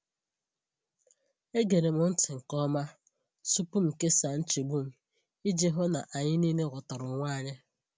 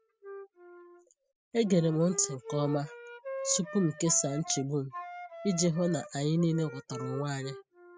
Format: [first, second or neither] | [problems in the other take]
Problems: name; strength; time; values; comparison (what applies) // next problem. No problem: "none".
first | noise reduction (classical method spectral subtraction)